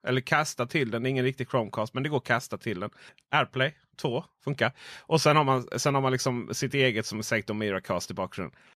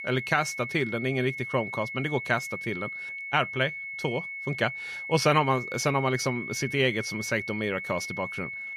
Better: first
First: none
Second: high-pitched whine; loud; throughout; 2 kHz, 6 dB below the speech

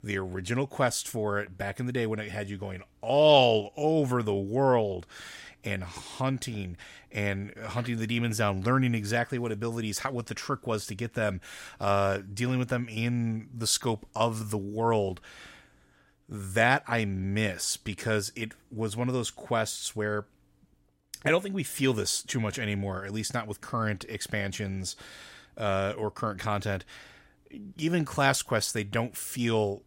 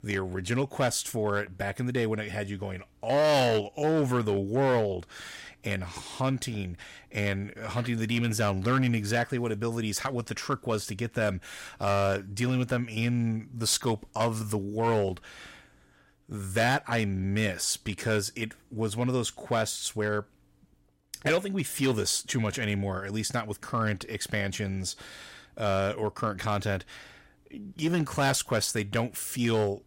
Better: first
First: none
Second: distortion; slight; 4% of the sound clipped

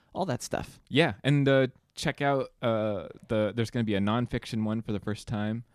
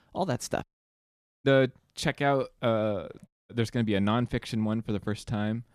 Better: first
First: none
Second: audio cutting out; at 0.5 s for 1 s and at 3.5 s

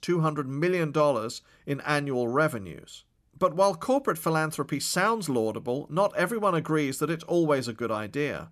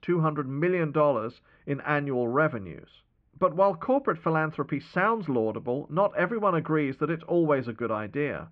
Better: first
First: none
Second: muffled; very; fading above 2.5 kHz

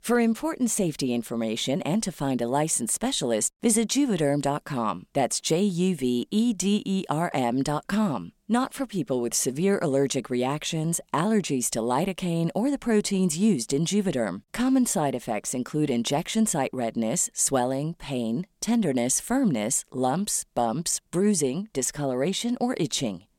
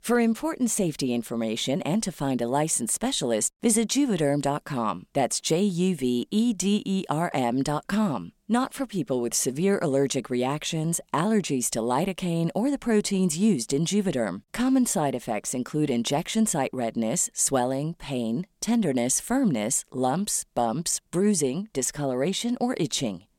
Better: neither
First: none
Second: none

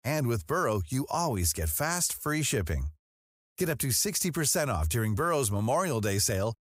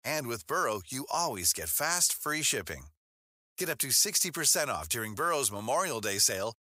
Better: first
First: none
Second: thin; somewhat; fading below 650 Hz

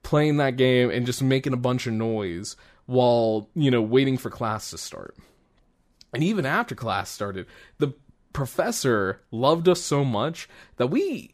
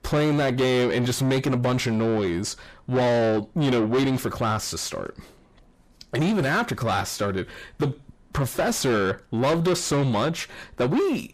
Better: first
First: none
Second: distortion; heavy; 6 dB below the speech

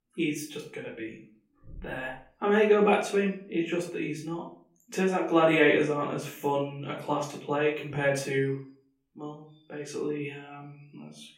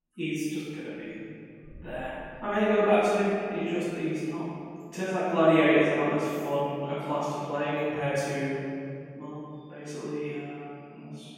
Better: first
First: room echo; slight; dies away in 0.4 s // off-mic speech; far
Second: room echo; strong; dies away in 2.5 s // off-mic speech; far

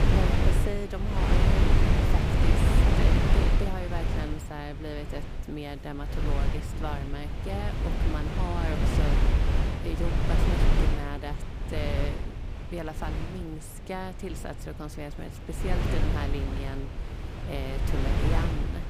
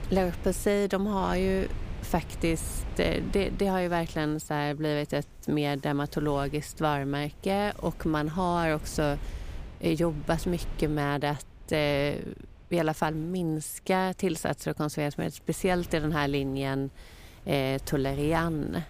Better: second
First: wind noise on the microphone; heavy; 3 dB above the speech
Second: wind noise on the microphone; occasional gusts; 20 dB below the speech

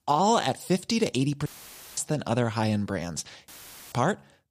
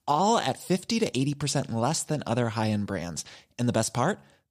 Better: second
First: audio cutting out; filled with static; at 1.5 s for 0.5 s and at 3.5 s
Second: none

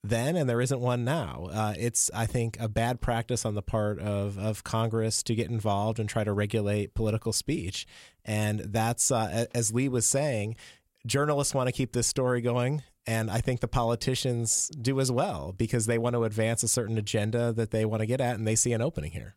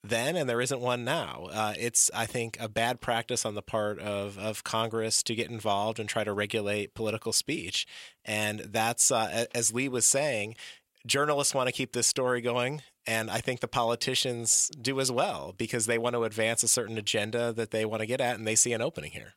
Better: first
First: none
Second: thin; somewhat; fading below 450 Hz

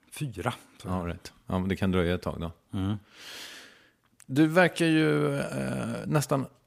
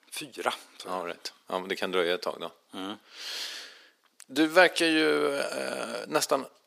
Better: first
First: none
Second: thin; somewhat; fading below 350 Hz

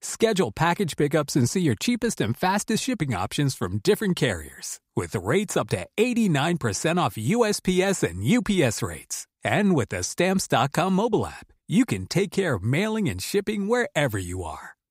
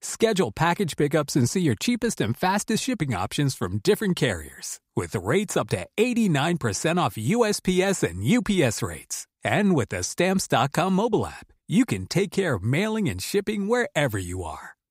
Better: neither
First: none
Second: none

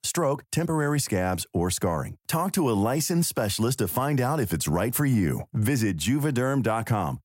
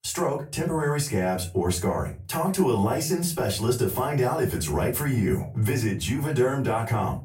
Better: first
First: none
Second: off-mic speech; far // room echo; very slight; dies away in 0.3 s

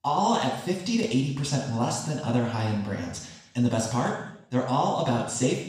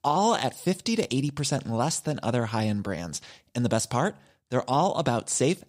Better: second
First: room echo; noticeable; dies away in 0.8 s // off-mic speech; far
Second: none

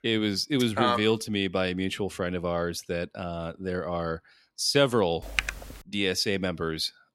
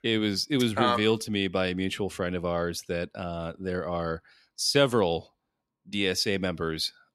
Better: second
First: keyboard typing; noticeable; at 5 s; peak 2 dB below the speech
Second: none

